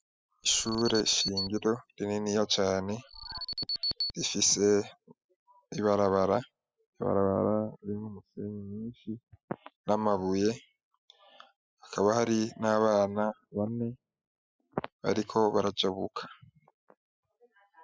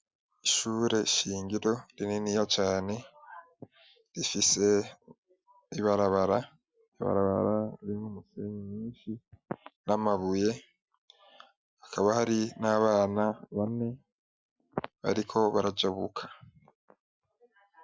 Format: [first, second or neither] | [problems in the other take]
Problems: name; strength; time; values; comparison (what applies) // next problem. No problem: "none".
second | noise reduction (classical method spectral subtraction)